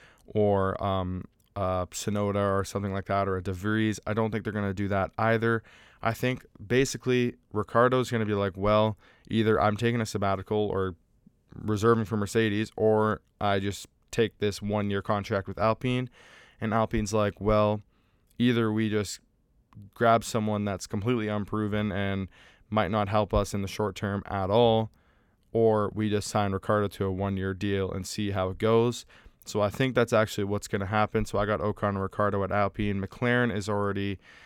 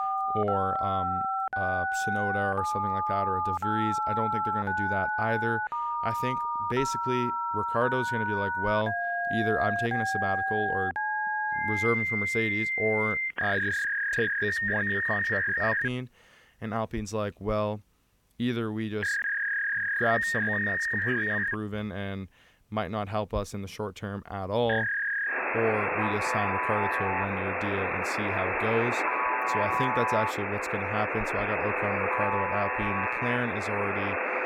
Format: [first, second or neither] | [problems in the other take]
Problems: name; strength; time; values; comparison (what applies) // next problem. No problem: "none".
first | alarms or sirens; very loud; throughout; 4 dB above the speech